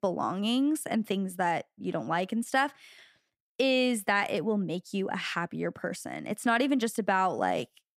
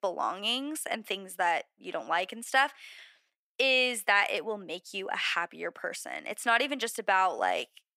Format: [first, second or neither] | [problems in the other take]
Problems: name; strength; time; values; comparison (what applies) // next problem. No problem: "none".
first | thin; somewhat; fading below 550 Hz